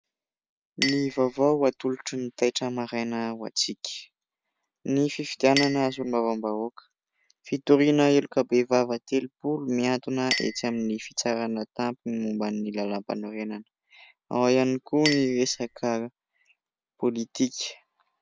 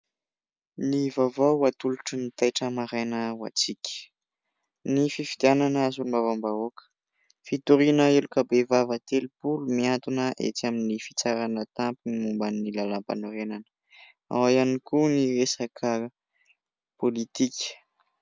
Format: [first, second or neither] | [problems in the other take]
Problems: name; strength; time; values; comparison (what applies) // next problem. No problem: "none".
second | background sound (Chink, clink); 13 dB below the speech